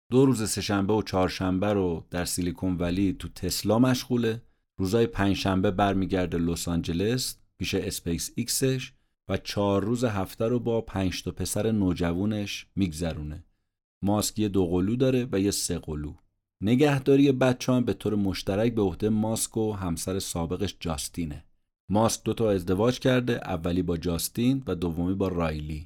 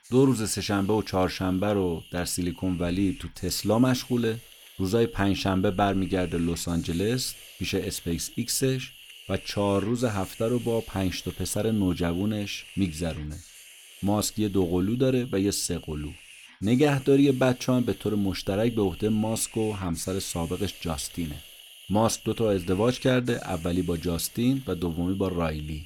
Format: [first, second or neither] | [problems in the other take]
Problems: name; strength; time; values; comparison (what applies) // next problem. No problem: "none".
first | hiss; noticeable; throughout; 20 dB below the speech